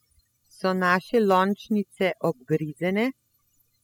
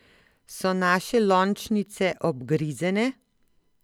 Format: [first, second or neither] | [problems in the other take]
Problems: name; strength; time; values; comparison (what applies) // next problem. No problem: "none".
second | noise reduction (classical method spectral subtraction)